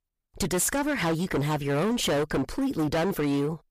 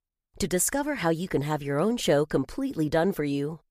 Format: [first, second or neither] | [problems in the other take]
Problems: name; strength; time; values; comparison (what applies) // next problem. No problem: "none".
second | distortion; heavy; 25% of the sound clipped